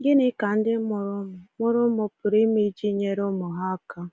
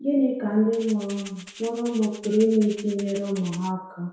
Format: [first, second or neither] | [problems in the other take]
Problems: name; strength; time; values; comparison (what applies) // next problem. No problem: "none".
first | background sound (Rattle (instrument)); 20 dB below the speech // room echo; dies away in 0.7 s